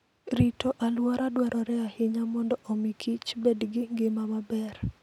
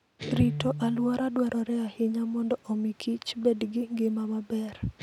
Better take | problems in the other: first | background sound (Guitar); 13 dB below the speech

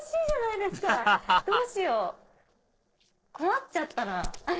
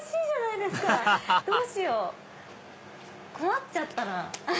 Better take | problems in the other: second | noise reduction (neural separator model SepFormer DNS4)

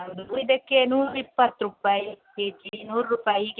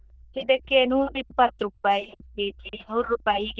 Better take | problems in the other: first | noise reduction (neural diffusion model UNIVERSE++)

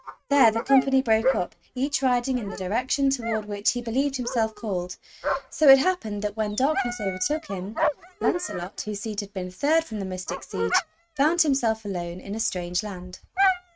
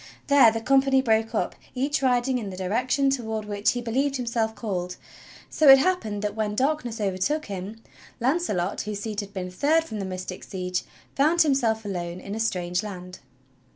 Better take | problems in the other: second | noise reduction (neural mask model RNNoise)

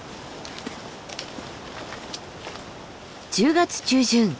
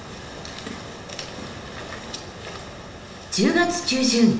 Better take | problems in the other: first | room echo; dies away in 0.9 s

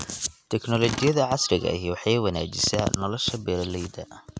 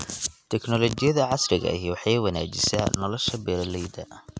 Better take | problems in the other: second | background sound (Tools); 17 dB below the speech

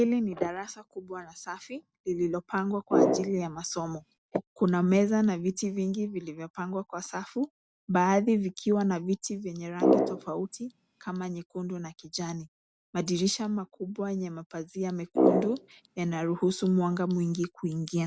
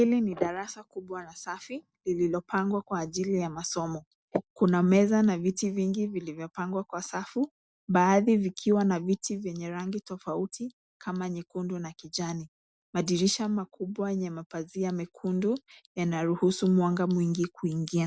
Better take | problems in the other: second | background sound (Brass instrument); 2 dB above the speech

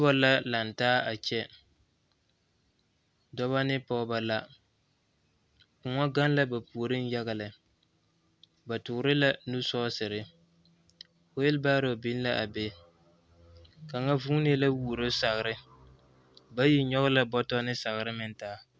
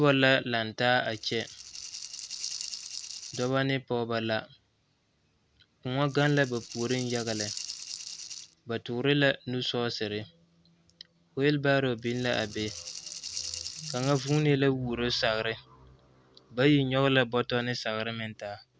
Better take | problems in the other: first | background sound (Rattle (instrument)); 11 dB below the speech

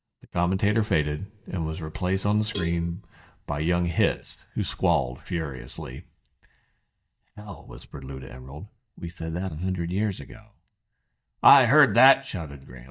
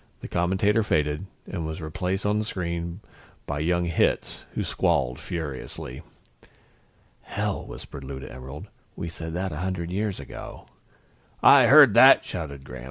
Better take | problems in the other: second | noise reduction (neural mask model DeepFilterNet 3)

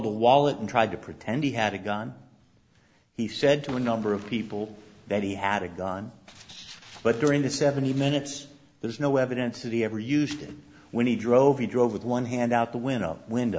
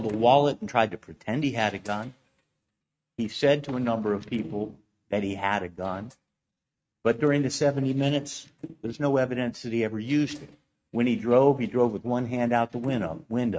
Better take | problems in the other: first | noise reduction (neural mask model RNNoise)

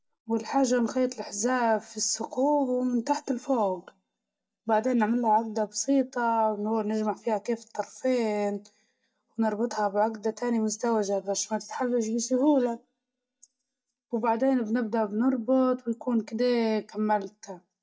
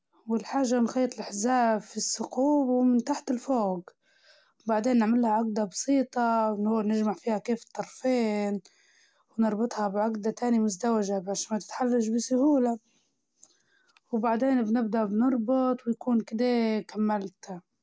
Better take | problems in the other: second | noise reduction (neural mask model DeepFilterNet 3)

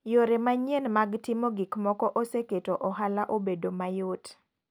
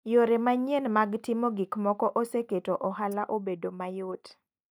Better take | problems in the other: first | noise reduction (neural mask model DeepFilterNet 3)

